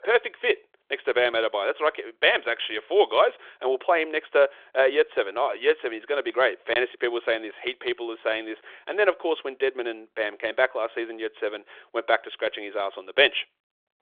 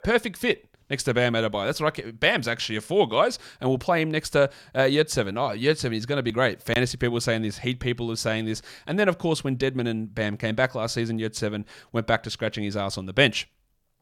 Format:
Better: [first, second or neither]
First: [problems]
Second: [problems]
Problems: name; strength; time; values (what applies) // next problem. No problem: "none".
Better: second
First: phone-call audio; nothing above 3.5 kHz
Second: none